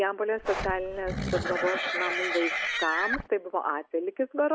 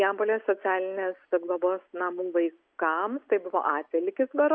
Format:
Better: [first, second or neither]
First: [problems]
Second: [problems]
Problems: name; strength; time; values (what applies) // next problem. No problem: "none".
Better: second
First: background sound (Livestock, farm animals, working animals); 1 dB below the speech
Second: none